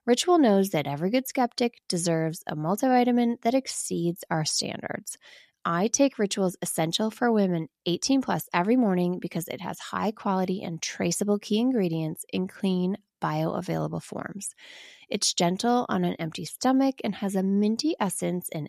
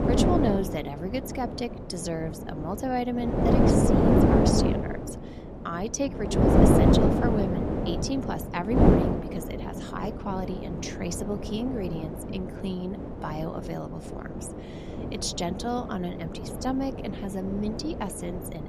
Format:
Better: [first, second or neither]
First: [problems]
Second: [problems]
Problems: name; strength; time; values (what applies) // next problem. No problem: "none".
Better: first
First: none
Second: wind noise on the microphone; heavy; 4 dB above the speech